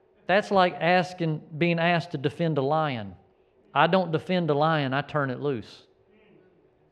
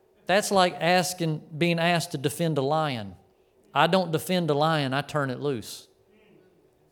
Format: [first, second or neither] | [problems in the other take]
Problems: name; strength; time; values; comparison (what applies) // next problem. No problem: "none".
second | muffled; slightly; fading above 2.5 kHz